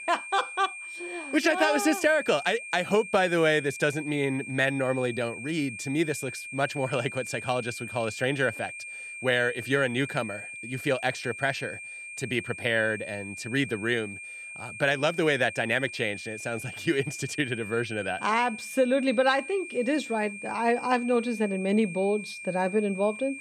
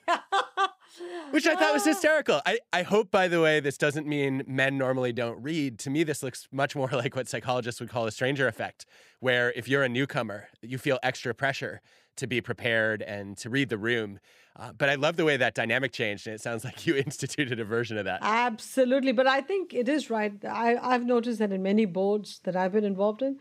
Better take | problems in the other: second | high-pitched whine; noticeable; throughout; 2.5 kHz, 10 dB below the speech

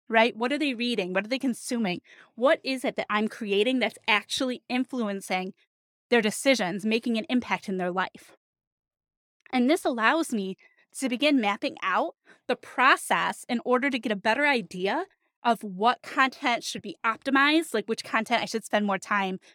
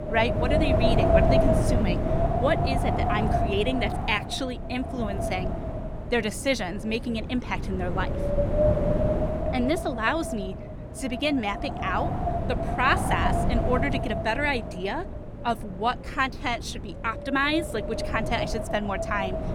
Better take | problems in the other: first | wind noise on the microphone; heavy; 1 dB below the speech

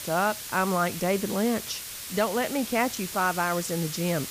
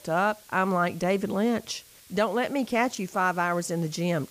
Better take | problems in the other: second | hiss; loud; throughout; 7 dB below the speech; faint in the second

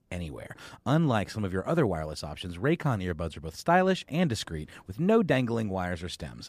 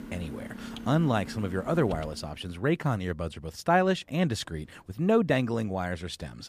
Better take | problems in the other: first | household noises; noticeable; until 2 s; 15 dB below the speech

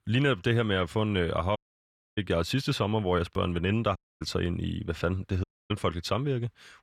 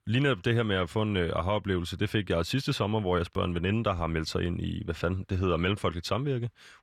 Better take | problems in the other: second | audio cutting out; at 1.5 s for 0.5 s, at 4 s and at 5.5 s

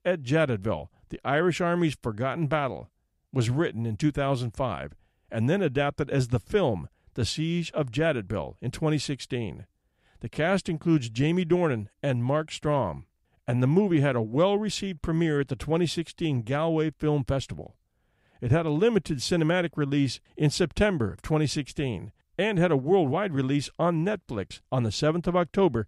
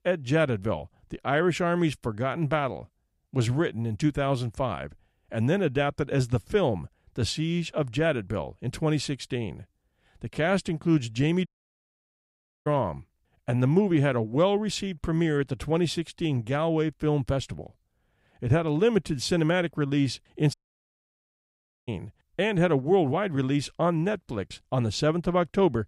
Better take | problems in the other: first | audio cutting out; at 11 s for 1 s and at 21 s for 1.5 s

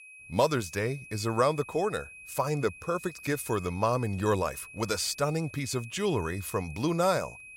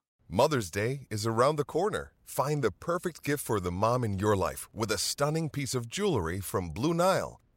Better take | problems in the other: second | high-pitched whine; noticeable; throughout; 2.5 kHz, 15 dB below the speech

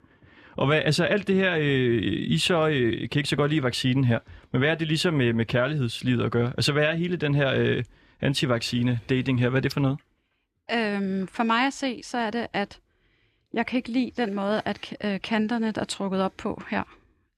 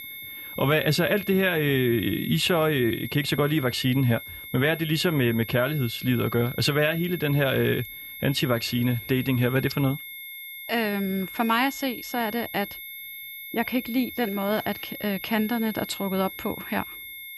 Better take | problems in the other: first | high-pitched whine; noticeable; throughout; 2 kHz, 10 dB below the speech

